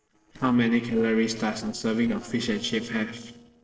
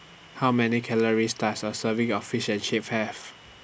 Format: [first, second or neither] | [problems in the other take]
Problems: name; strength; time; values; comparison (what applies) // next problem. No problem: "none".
second | noise reduction (neural separator model SepFormer DNS4)